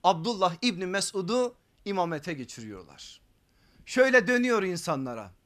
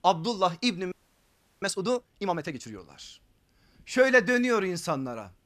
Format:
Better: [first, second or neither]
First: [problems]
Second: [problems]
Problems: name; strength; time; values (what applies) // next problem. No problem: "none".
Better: first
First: none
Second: audio freezing; at 1 s for 0.5 s